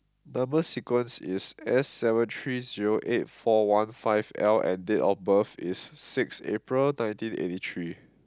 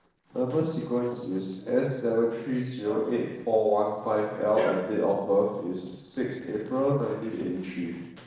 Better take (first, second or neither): first